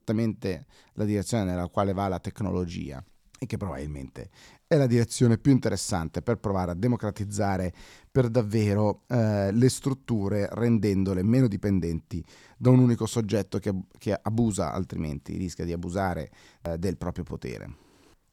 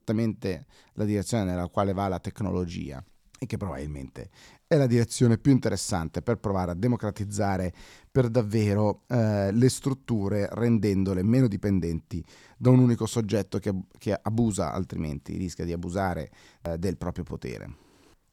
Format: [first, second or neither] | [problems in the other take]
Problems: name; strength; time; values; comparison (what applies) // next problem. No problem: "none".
neither | none